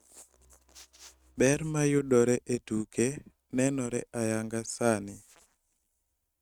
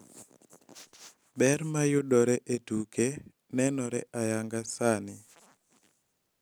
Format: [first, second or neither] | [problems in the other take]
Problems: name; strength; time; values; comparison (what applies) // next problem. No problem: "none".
second | noise reduction (neural mask model RNNoise)